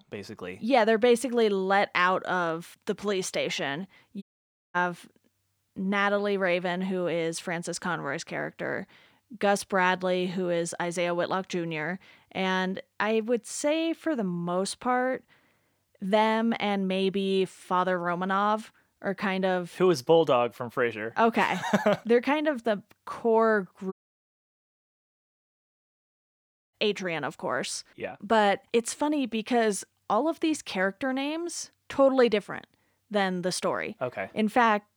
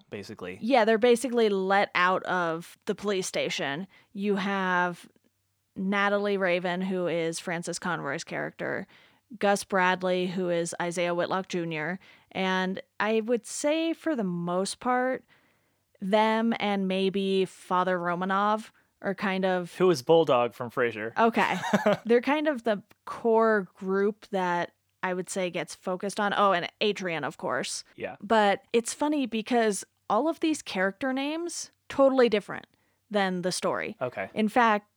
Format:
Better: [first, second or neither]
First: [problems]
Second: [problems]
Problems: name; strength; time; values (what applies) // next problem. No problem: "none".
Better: second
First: audio cutting out; at 4 s for 0.5 s and at 24 s for 3 s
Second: none